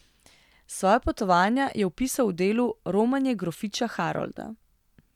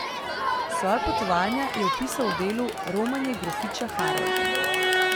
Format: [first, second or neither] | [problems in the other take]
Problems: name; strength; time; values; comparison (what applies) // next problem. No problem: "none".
first | background sound (Crowd); 2 dB above the speech